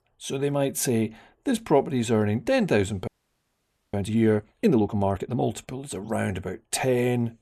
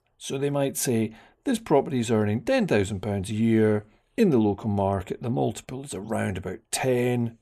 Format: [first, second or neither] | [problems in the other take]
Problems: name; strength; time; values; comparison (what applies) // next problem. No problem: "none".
second | audio freezing; at 3 s for 1 s